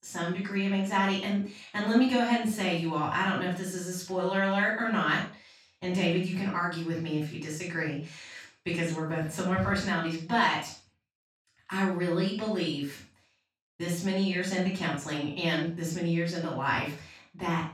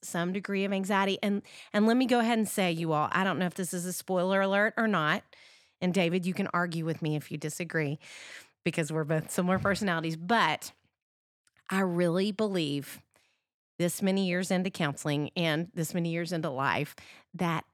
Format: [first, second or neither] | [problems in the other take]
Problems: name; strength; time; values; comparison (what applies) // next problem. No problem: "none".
second | room echo; noticeable; dies away in 0.3 s // off-mic speech; far